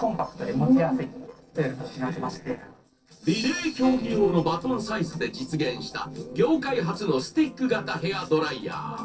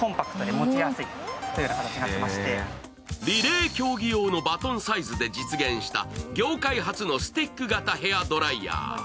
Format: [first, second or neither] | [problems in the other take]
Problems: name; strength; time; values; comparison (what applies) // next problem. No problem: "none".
second | noise reduction (neural separator model SepFormer DNS4)